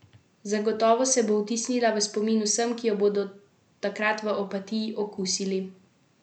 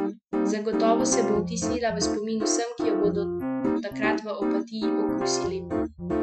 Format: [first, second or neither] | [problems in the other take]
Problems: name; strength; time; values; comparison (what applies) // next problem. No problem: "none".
first | noise reduction (classical method Wiener filter)